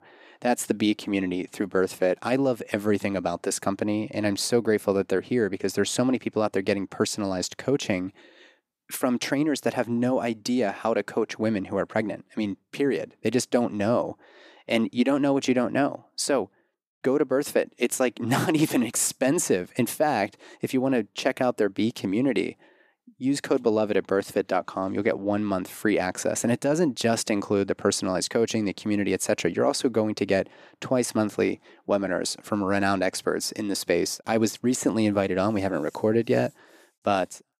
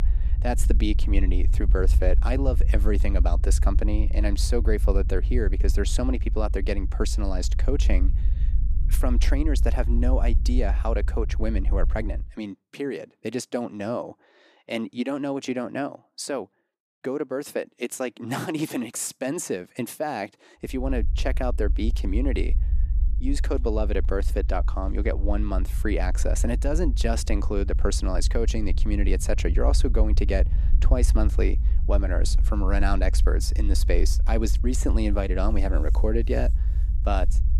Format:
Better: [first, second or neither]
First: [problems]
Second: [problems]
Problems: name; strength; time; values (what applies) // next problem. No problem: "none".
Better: first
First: none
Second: low rumble; noticeable; until 12 s and from 21 s on; 15 dB below the speech